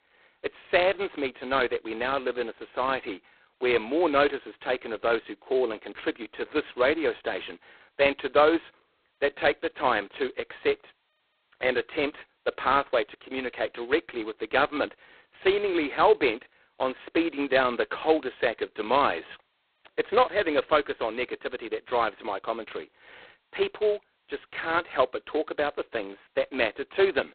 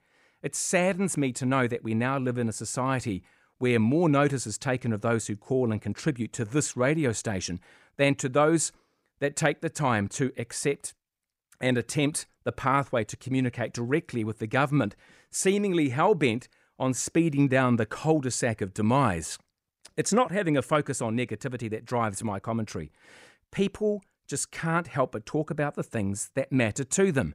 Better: second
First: phone-call audio; poor line; nothing above 4 kHz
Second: none

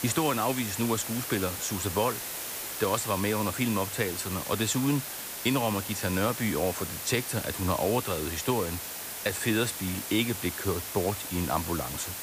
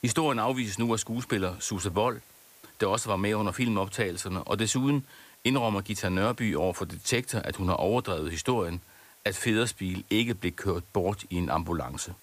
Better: second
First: hiss; loud; throughout; 5 dB below the speech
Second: hiss; faint; throughout; 25 dB below the speech

